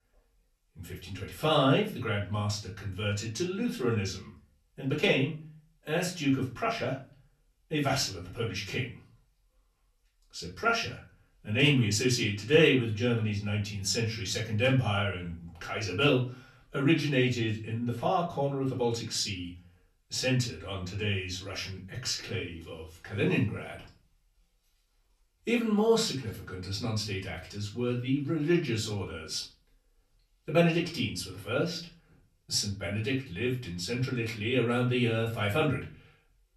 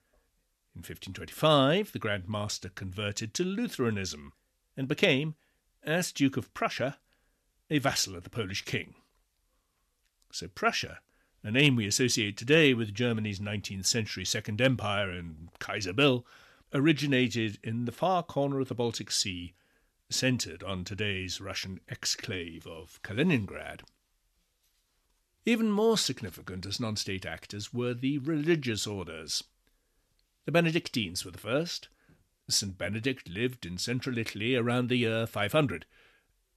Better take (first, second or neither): second